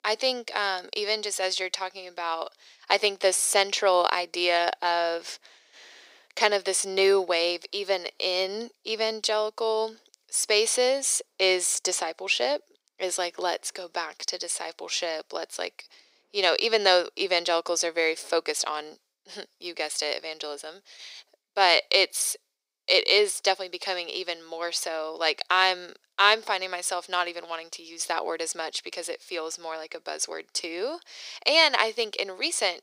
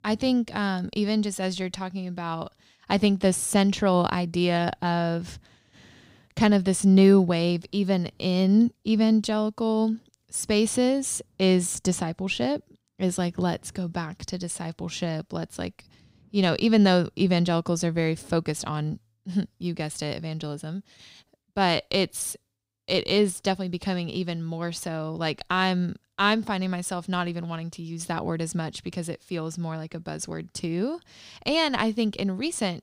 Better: second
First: thin; very; fading below 400 Hz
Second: none

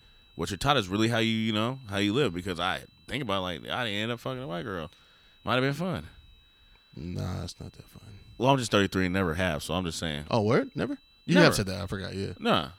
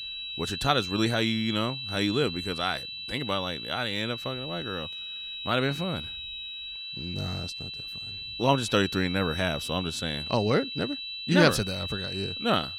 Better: first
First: high-pitched whine; faint; throughout; 4 kHz, 30 dB below the speech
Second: high-pitched whine; loud; throughout; 4 kHz, 6 dB below the speech

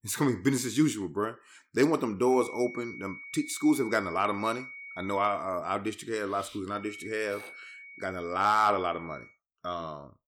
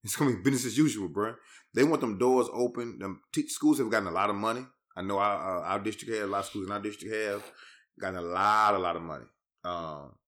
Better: second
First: high-pitched whine; noticeable; from 2.5 to 5.5 s and from 7 to 9.5 s; 2 kHz, 15 dB below the speech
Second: none

